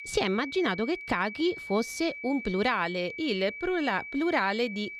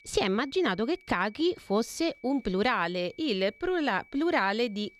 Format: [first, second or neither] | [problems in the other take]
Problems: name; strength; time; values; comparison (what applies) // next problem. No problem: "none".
second | high-pitched whine; loud; throughout; 2.5 kHz, 10 dB below the speech; faint in the second